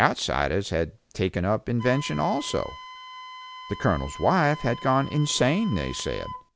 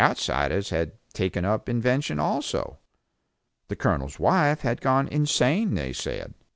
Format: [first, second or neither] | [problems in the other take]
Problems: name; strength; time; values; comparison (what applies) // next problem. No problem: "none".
second | background sound (Wind instrument, woodwind instrument); 16 dB below the speech